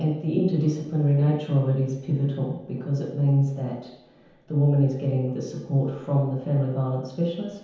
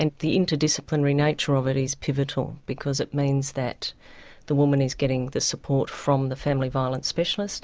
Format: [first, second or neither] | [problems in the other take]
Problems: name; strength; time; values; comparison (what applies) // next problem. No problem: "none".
second | room echo; dies away in 0.9 s